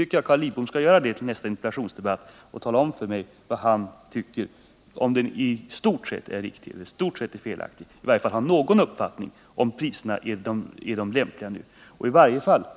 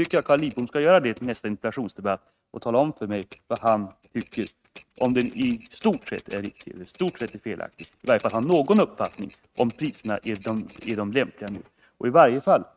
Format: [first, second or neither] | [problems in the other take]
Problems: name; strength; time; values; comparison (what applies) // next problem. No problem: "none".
first | noise reduction (neural mask model RNNoise)